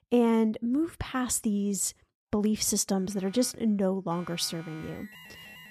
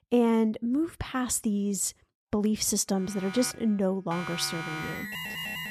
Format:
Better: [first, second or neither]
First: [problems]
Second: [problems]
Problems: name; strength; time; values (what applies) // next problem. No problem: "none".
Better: first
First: alarms or sirens; faint; from 3 s on; 20 dB below the speech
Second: alarms or sirens; loud; from 3 s on; 8 dB below the speech